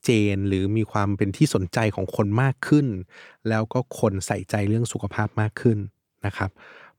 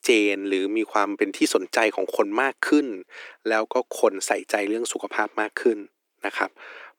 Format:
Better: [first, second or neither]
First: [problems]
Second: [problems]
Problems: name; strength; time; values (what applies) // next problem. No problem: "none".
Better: first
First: none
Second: thin; somewhat; fading below 300 Hz